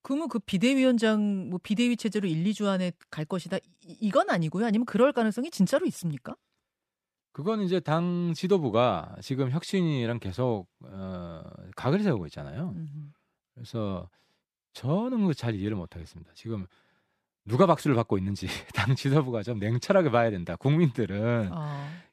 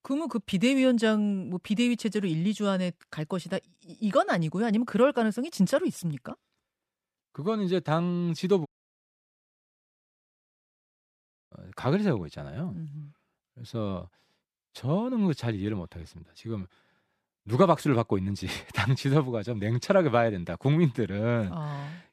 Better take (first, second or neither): first